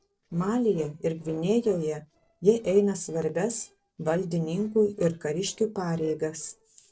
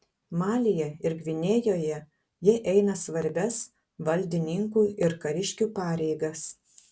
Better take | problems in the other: second | noise reduction (neural separator model SepFormer DNS4)

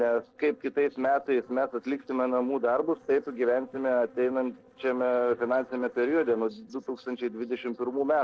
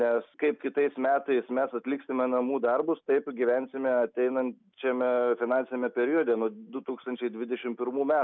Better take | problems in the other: second | noise reduction (neural separator model SepFormer DNS4)

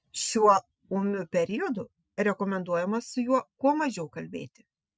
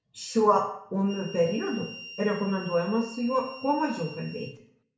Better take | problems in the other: first | background sound (Harmonica); 17 dB below the speech // room echo; dies away in 0.6 s

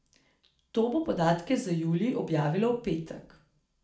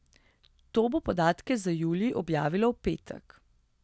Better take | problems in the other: second | room echo; dies away in 0.4 s

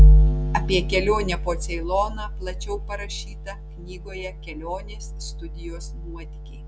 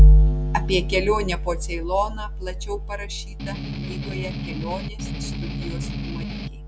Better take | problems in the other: first | background sound (Strum); 9 dB below the speech

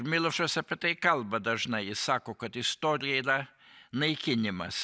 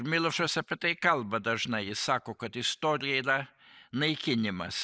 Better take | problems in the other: first | noise reduction (neural mask model Resemble Enhance denoiser)

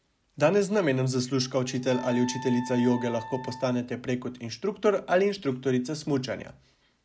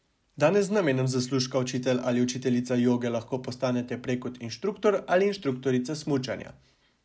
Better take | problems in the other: second | background sound (Wind instrument, woodwind instrument); 15 dB below the speech

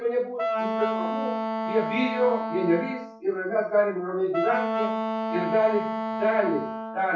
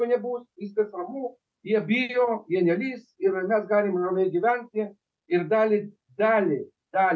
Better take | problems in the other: second | background sound (Wind instrument, woodwind instrument); 3 dB below the speech // room echo; dies away in 0.3 s

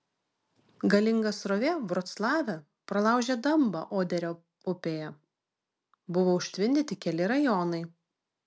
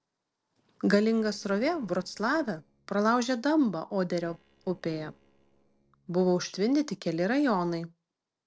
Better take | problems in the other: first | noise reduction (neural separator model SepFormer DNS4)

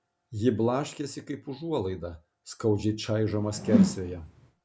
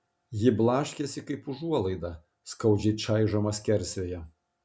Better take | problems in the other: second | background sound (Whoosh, swoosh, swish); 3 dB above the speech

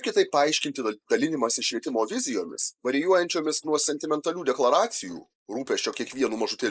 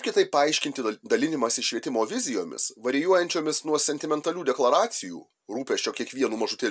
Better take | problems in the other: second | noise reduction (neural mask model Resemble Enhance denoiser)

